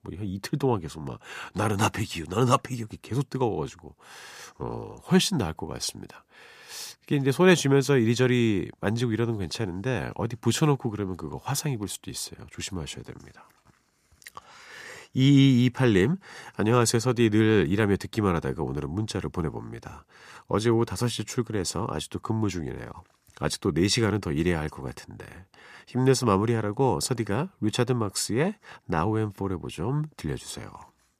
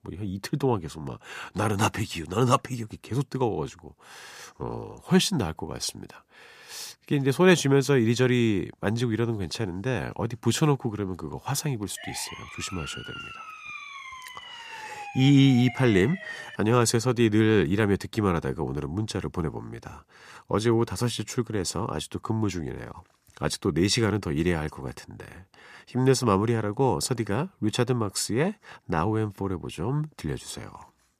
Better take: first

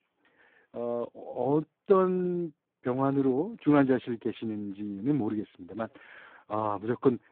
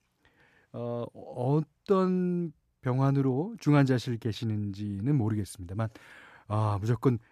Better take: second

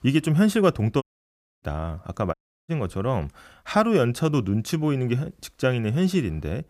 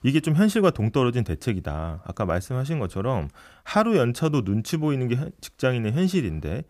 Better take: second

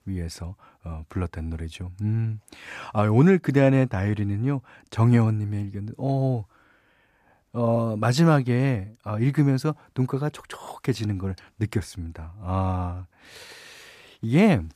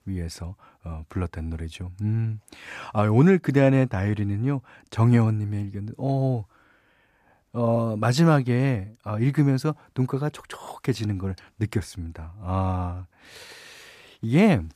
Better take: neither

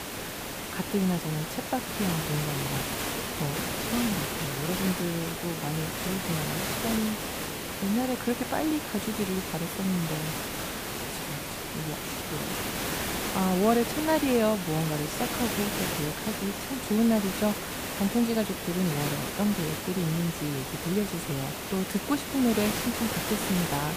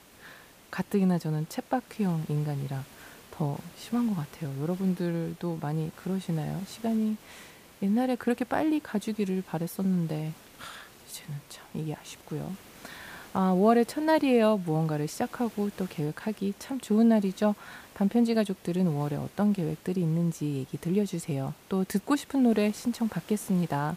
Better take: second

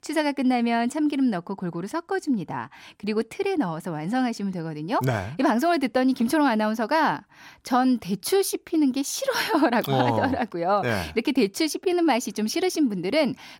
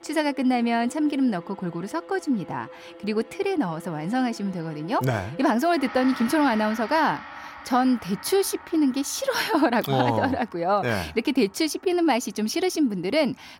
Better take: first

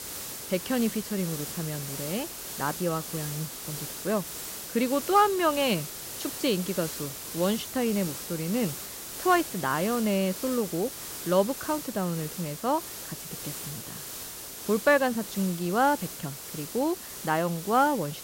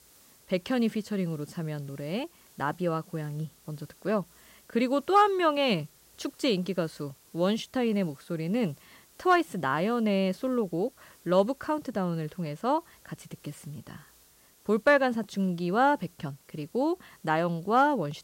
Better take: second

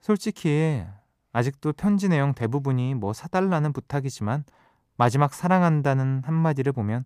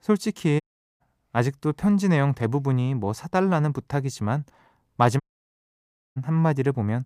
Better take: first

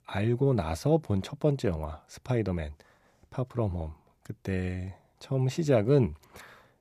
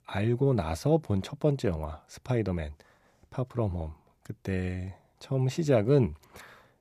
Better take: neither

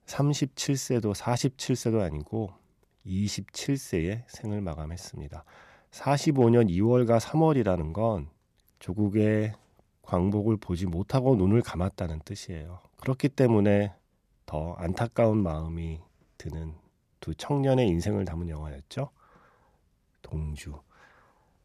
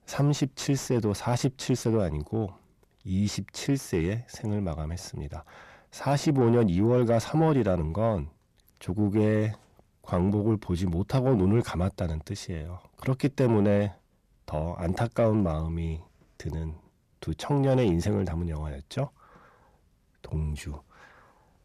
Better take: first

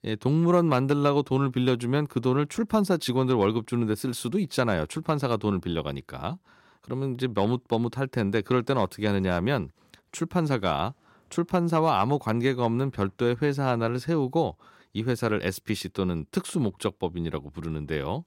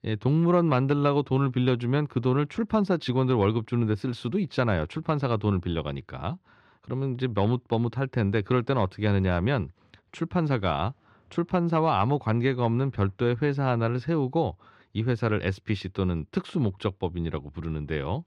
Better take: first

